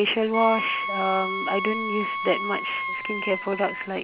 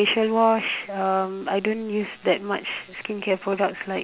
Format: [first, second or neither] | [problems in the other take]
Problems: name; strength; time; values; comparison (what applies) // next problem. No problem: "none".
second | background sound (Wind instrument, woodwind instrument); 4 dB below the speech